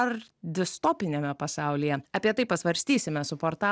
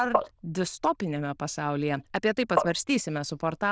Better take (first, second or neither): first